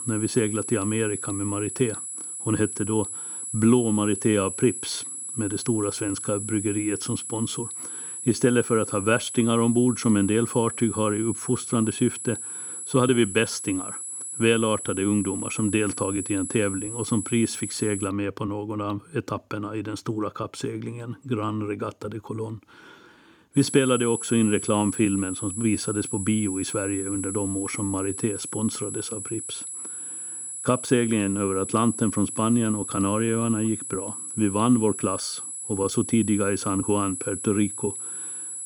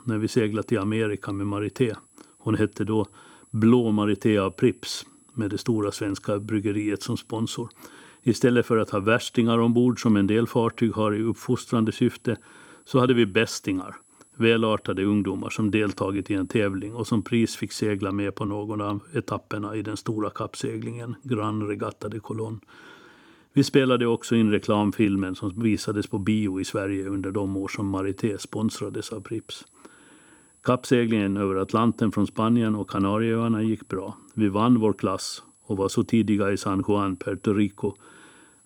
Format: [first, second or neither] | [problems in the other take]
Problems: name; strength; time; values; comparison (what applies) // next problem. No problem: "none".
second | high-pitched whine; loud; until 18 s and from 24 s on; 10.5 kHz, 6 dB below the speech; faint in the second